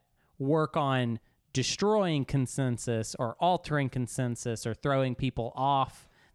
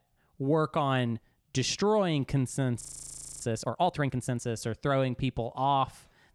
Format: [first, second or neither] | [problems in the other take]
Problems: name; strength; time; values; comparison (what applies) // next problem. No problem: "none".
first | audio freezing; at 3 s for 0.5 s